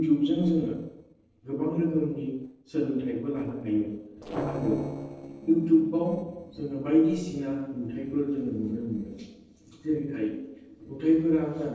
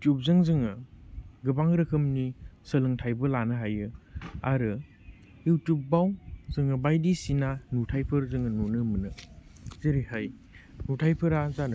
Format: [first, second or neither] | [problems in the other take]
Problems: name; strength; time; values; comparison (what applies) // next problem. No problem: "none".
second | noise reduction (neural separator model SepFormer DNS4)